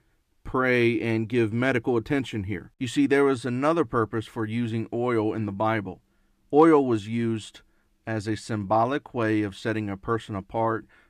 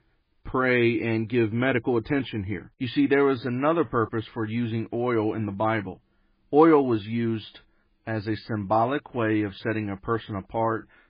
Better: first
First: none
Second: garbled, watery; badly; nothing above 4.5 kHz

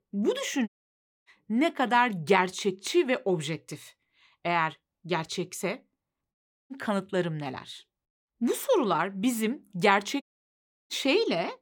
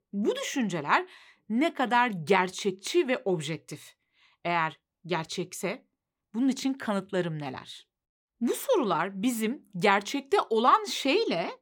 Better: second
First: audio cutting out; at 0.5 s for 0.5 s, at 6.5 s and at 10 s for 0.5 s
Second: none

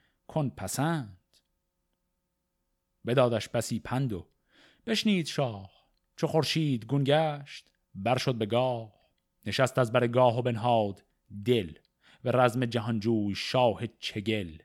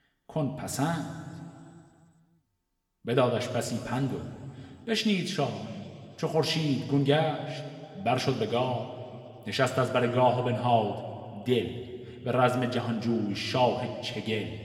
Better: first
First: none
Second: room echo; slight; dies away in 2 s

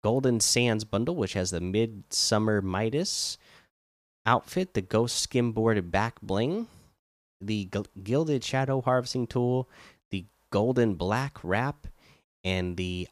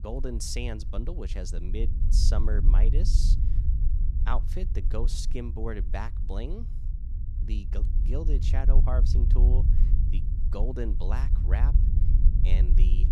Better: first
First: none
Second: low rumble; loud; throughout; 8 dB below the speech

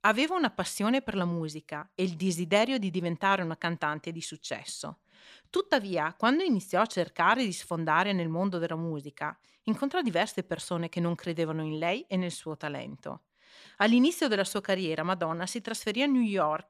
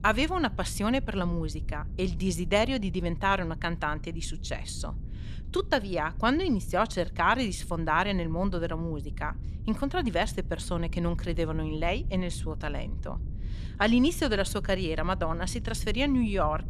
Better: first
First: none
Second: low rumble; faint; throughout; 25 dB below the speech

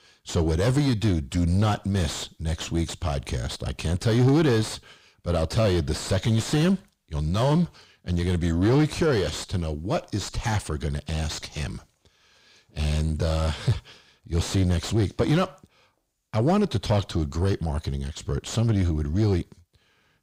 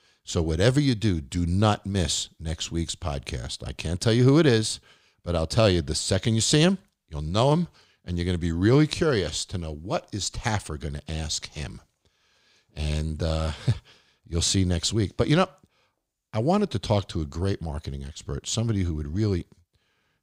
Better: second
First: distortion; heavy; 7 dB below the speech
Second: none

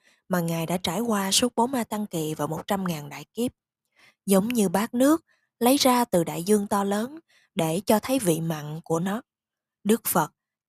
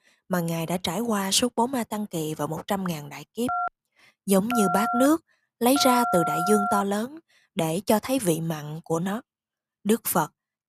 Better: first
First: none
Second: phone ringing; noticeable; from 3.5 to 7 s; peak level with the speech

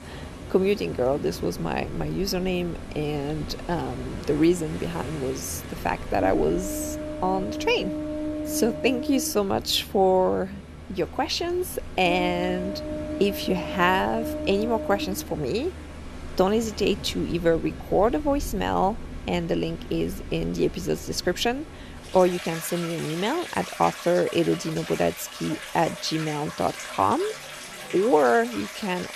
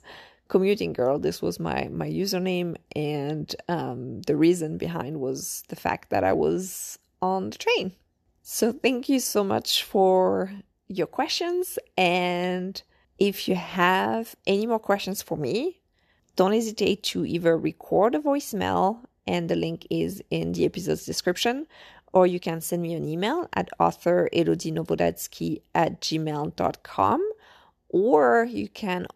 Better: second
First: rain or running water; loud; throughout; 10 dB below the speech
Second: none

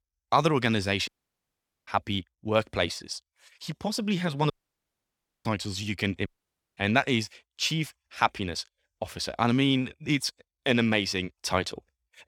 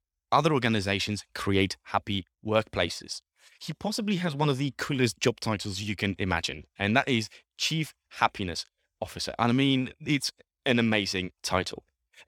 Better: second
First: audio cutting out; at 1 s for 1 s, at 4.5 s for 1 s and at 6.5 s for 0.5 s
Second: none

